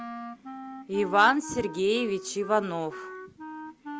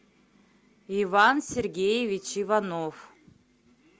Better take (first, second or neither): second